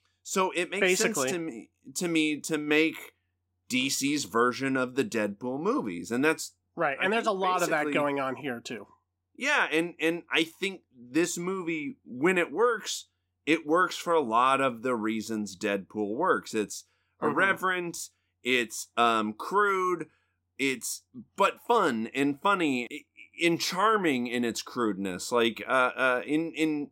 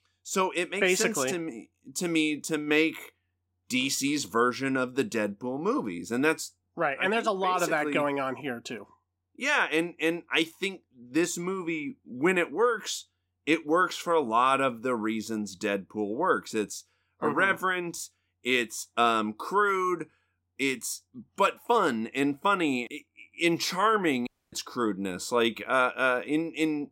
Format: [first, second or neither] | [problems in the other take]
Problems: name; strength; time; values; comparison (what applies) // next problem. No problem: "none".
first | audio cutting out; at 24 s